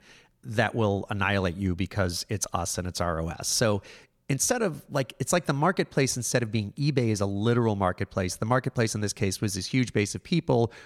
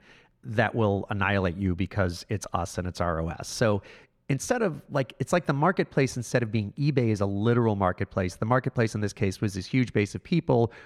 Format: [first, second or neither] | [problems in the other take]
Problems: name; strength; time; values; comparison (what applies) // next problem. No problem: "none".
first | muffled; slightly; fading above 4 kHz